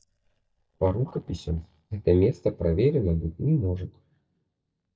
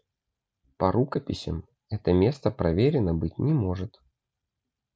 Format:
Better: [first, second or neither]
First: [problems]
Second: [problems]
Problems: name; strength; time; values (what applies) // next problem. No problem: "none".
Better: second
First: noise reduction (neural mask model DeepFilterNet 3)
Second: none